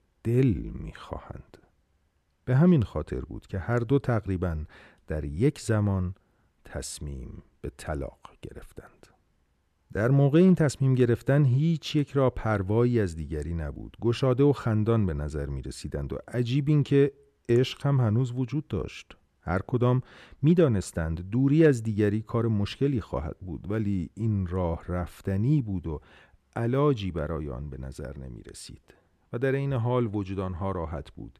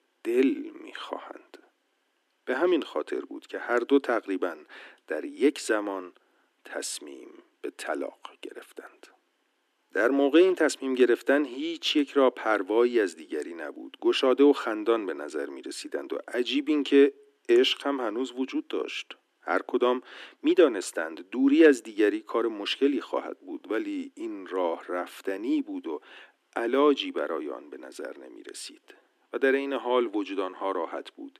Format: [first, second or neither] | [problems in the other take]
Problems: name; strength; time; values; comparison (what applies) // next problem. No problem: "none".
first | thin; somewhat; fading below 250 Hz